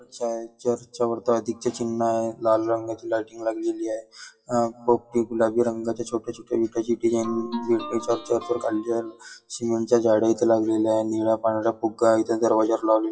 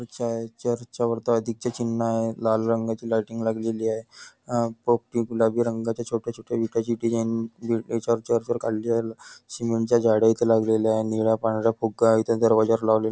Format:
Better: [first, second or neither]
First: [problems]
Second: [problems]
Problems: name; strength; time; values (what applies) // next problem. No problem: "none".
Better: second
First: noise reduction (classical method WPE with log-MMSE)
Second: none